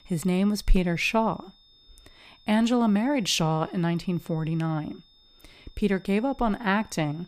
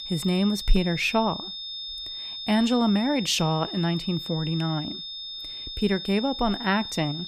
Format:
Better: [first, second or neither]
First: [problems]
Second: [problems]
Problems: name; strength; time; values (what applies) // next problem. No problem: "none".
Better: first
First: high-pitched whine; faint; throughout; 3.5 kHz, 30 dB below the speech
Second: high-pitched whine; loud; throughout; 3.5 kHz, 8 dB below the speech